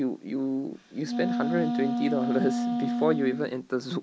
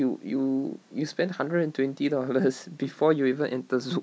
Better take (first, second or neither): second